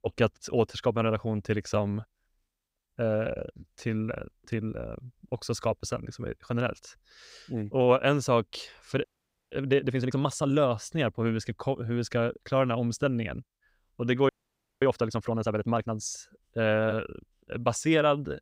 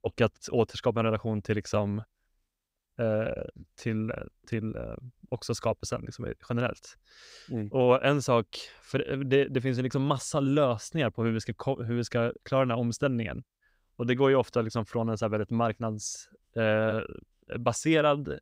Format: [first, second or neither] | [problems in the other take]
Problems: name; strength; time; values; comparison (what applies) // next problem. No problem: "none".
second | audio freezing; at 9 s and at 14 s for 0.5 s